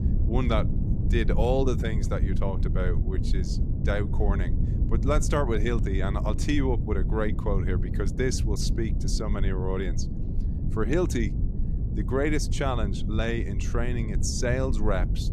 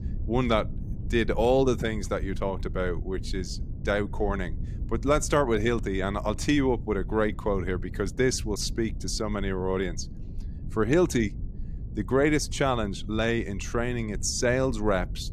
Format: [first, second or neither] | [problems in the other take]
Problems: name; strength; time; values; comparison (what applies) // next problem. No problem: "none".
second | low rumble; loud; throughout; 10 dB below the speech; faint in the second